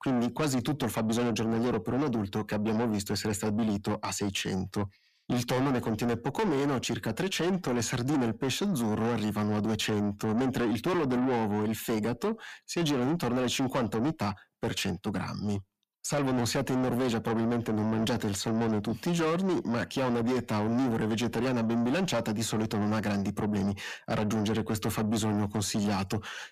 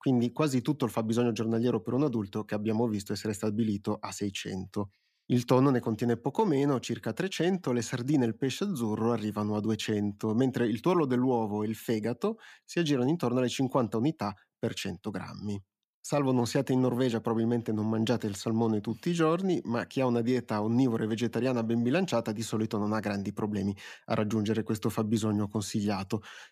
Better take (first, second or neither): second